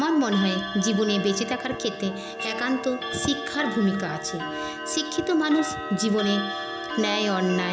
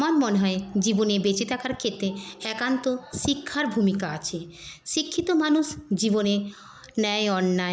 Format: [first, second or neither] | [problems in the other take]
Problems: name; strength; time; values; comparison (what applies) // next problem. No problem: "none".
second | background sound (Clock); 7 dB below the speech